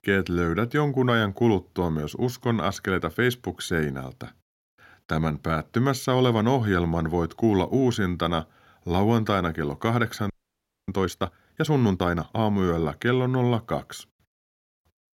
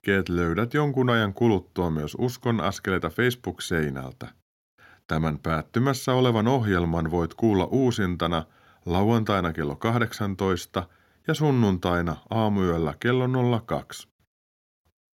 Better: second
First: audio freezing; at 10 s for 0.5 s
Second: none

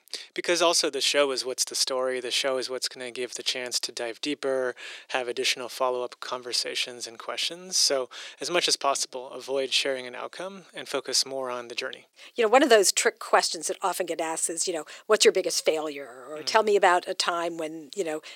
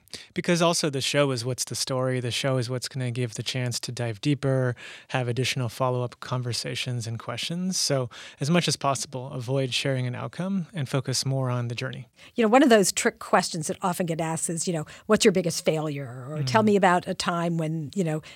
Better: second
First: thin; very; fading below 350 Hz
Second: none

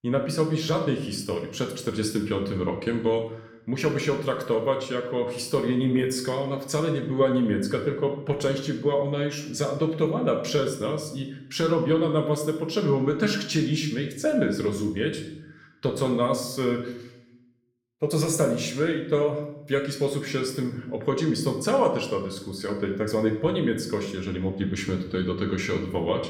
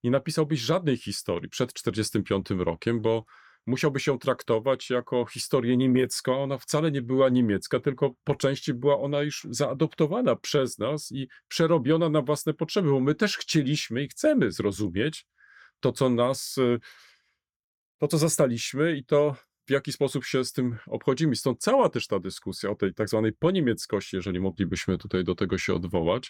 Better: second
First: room echo; slight; dies away in 0.6 s // off-mic speech; somewhat distant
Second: none

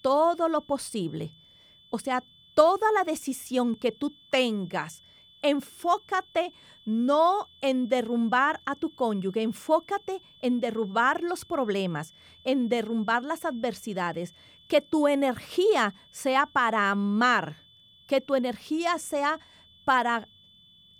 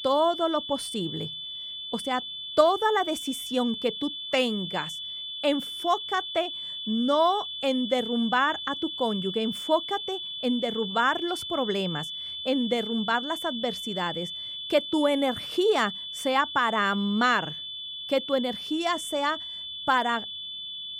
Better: first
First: high-pitched whine; faint; throughout; 3.5 kHz, 25 dB below the speech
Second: high-pitched whine; loud; throughout; 3.5 kHz, 6 dB below the speech

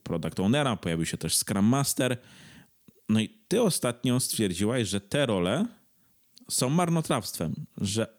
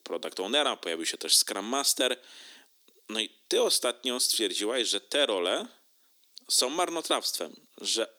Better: first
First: none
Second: thin; very; fading below 300 Hz

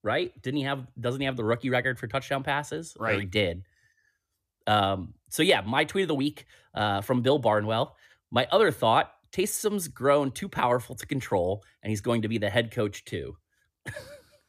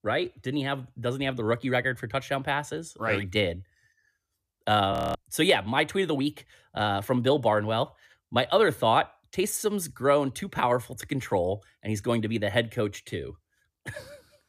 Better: first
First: none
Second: audio freezing; at 5 s

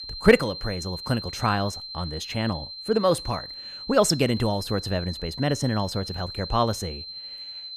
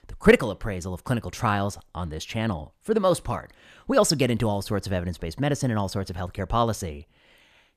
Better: second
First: high-pitched whine; loud; throughout; 4 kHz, 10 dB below the speech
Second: none

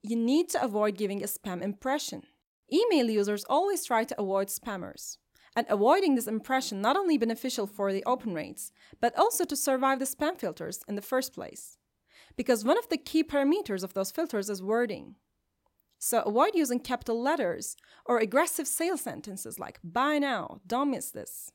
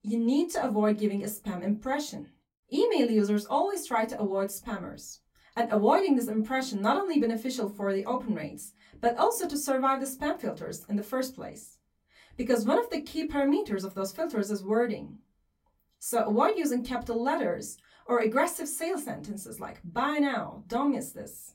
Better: first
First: none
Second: off-mic speech; far // room echo; very slight; dies away in 0.2 s

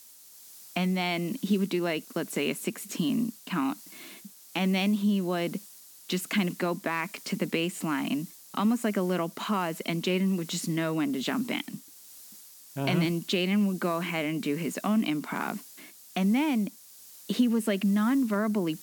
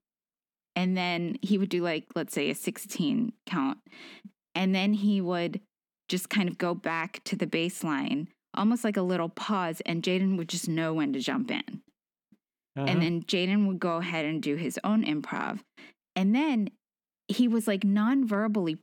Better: second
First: hiss; noticeable; throughout; 20 dB below the speech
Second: none

